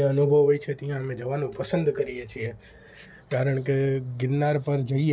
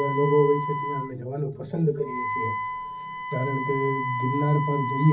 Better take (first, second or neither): first